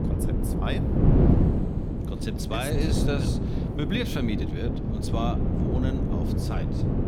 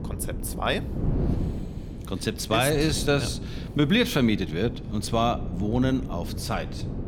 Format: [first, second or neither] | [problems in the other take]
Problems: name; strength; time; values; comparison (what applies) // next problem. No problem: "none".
second | wind noise on the microphone; heavy; 1 dB above the speech; occasional gusts in the second